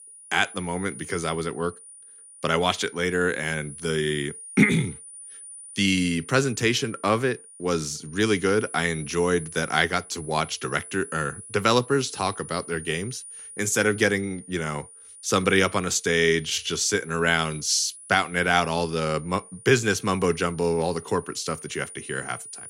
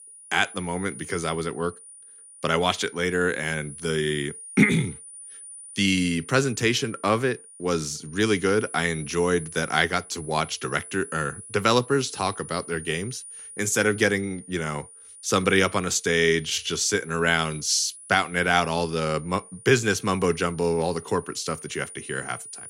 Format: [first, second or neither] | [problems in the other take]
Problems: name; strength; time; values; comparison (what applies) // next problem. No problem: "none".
neither | high-pitched whine; noticeable; throughout; 9.5 kHz, 15 dB below the speech; the same in both